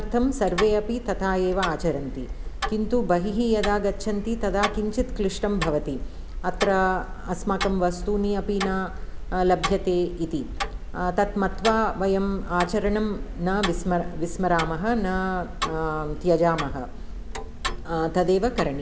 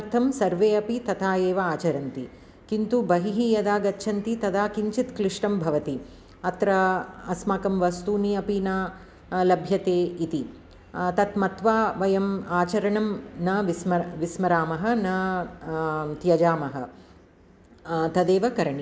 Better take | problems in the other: second | background sound (Tick-tock); 6 dB below the speech

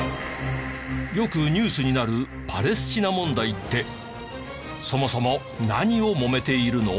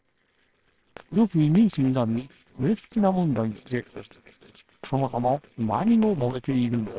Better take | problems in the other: first | noise reduction (neural separator model SepFormer WHAMR!)

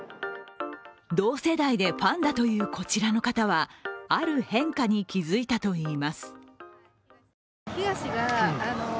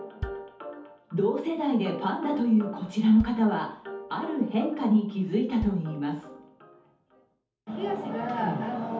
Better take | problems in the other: first | background sound (Bass drum); 17 dB below the speech // room echo; dies away in 0.6 s

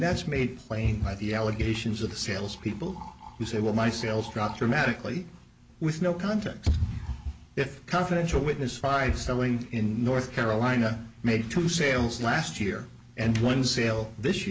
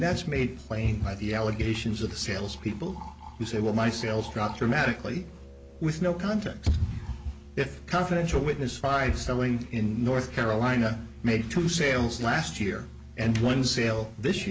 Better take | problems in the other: first | background sound (Musical instrument); 18 dB below the speech

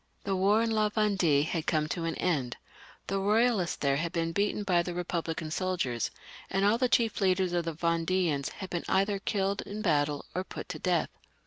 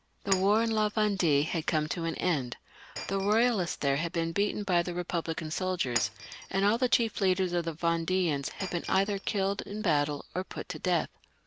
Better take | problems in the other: first | background sound (Shatter); 16 dB below the speech

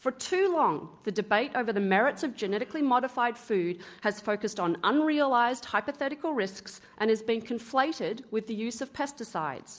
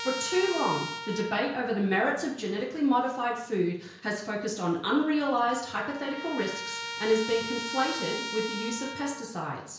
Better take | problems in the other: first | background sound (Trumpet); 10 dB below the speech // room echo; dies away in 0.5 s

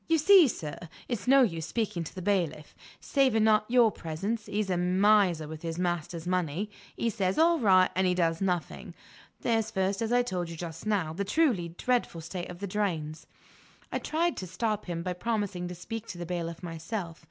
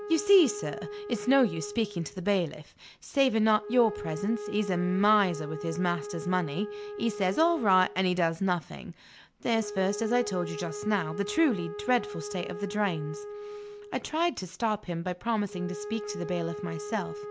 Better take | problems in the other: first | background sound (Wind instrument, woodwind instrument); 11 dB below the speech

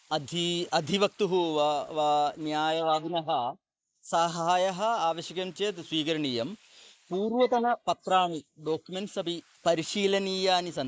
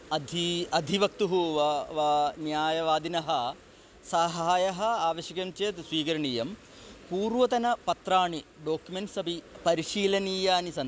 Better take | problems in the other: second | noise reduction (neural mask model Resemble Enhance denoiser)

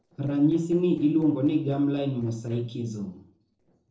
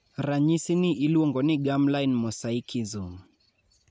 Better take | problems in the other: second | noise reduction (neural separator model SepFormer DNS4)

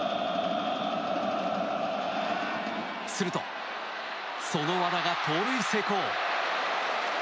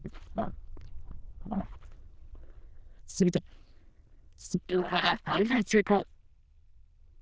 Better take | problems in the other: first | noise reduction (neural diffusion model UNIVERSE++)

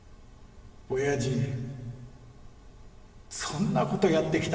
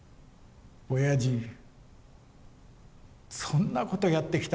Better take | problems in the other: second | room echo; dies away in 1.9 s

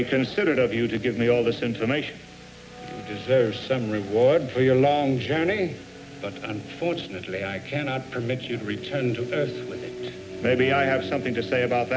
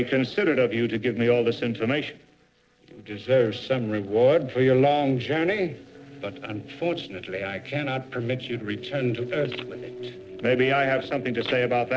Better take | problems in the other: first | noise reduction (neural separator model SepFormer DNS4)

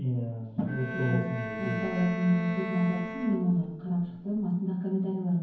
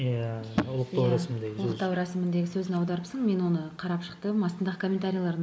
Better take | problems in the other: second | background sound (Bowed string instrument); 8 dB below the speech // room echo; dies away in 0.9 s

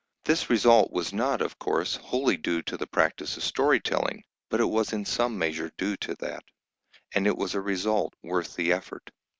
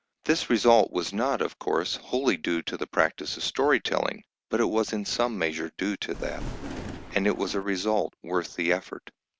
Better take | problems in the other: first | background sound (Thunder); 9 dB below the speech

